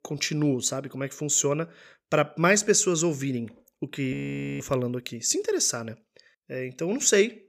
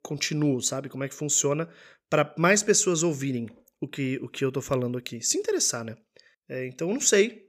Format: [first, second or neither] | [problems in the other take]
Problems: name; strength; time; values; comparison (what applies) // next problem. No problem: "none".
second | audio freezing; at 4 s